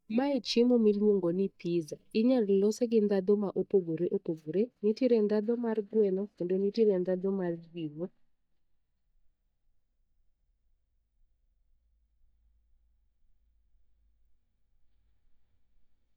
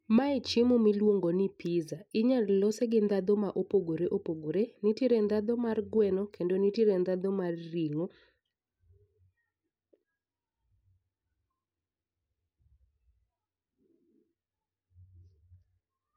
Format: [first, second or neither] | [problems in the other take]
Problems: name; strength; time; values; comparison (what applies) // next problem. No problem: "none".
second | noise reduction (neural mask model DeepFilterNet 3)